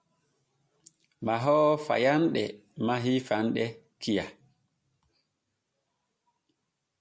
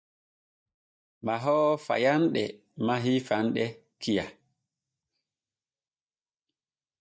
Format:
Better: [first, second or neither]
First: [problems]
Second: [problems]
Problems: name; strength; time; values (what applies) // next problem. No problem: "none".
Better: first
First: none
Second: noise reduction (neural mask model DeepFilterNet 3)